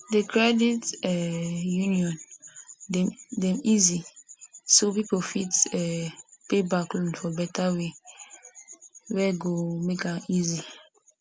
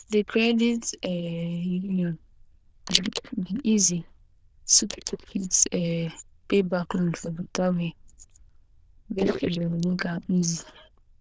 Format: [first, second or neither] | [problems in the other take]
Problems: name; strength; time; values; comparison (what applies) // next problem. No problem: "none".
first | noise reduction (neural diffusion model UNIVERSE++)